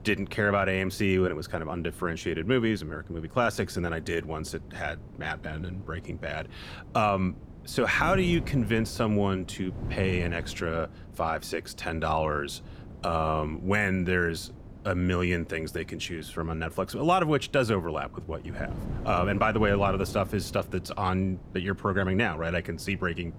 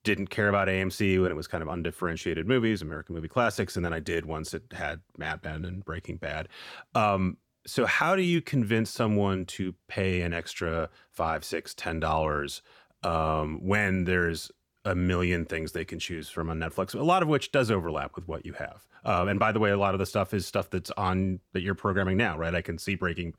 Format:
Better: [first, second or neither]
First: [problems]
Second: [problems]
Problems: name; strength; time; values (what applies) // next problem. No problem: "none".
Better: second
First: wind noise on the microphone; occasional gusts; 20 dB below the speech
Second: none